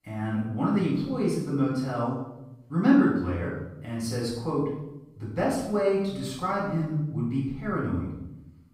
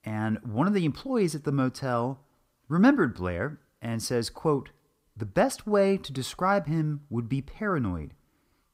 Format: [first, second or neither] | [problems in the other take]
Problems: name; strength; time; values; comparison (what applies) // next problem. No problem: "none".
second | off-mic speech; far // room echo; noticeable; dies away in 0.8 s